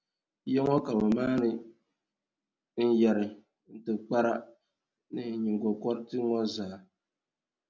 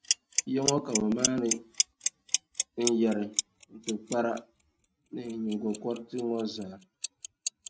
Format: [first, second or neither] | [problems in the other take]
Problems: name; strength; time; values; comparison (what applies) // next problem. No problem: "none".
first | noise reduction (neural mask model RNNoise)